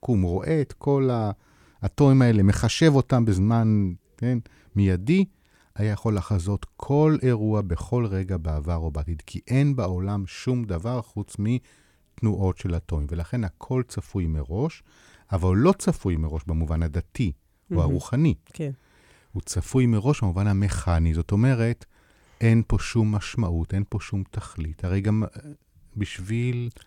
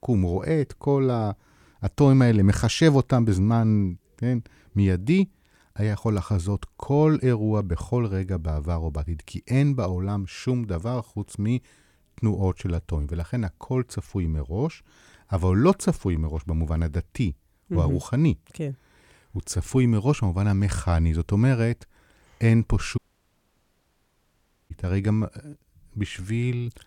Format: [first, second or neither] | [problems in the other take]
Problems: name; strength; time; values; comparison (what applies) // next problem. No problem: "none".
first | audio cutting out; at 23 s for 1.5 s